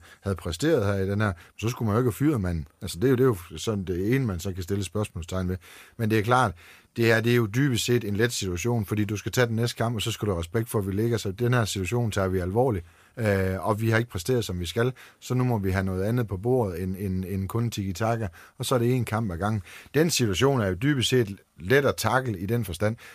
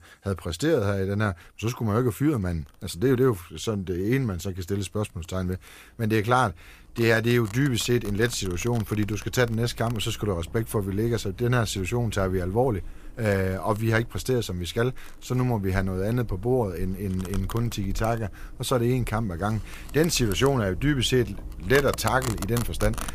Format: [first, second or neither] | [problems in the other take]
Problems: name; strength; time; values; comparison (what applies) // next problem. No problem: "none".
first | household noises; noticeable; throughout; 15 dB below the speech